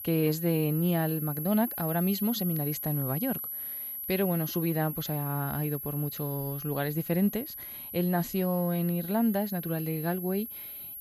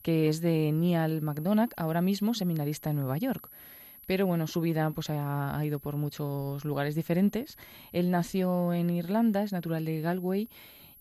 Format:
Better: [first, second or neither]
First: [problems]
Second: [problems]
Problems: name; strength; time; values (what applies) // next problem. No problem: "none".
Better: second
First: high-pitched whine; loud; throughout; 11.5 kHz, 6 dB below the speech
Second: high-pitched whine; faint; throughout; 11.5 kHz, 20 dB below the speech